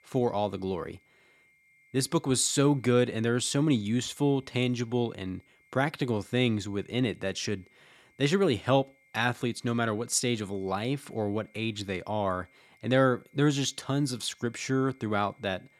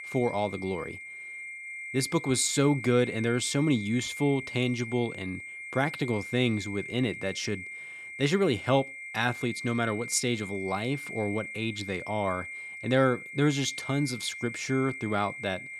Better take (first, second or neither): first